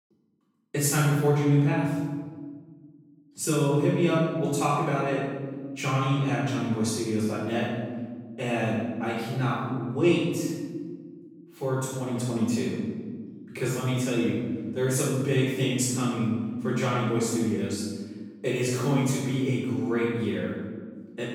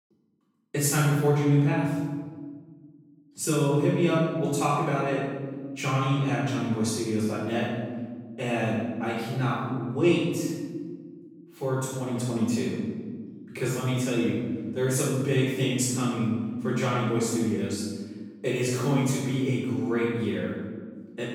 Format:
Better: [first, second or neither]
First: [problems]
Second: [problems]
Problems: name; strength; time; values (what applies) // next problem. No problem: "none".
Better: neither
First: off-mic speech; far // room echo; strong; dies away in 1.7 s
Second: off-mic speech; far // room echo; strong; dies away in 1.7 s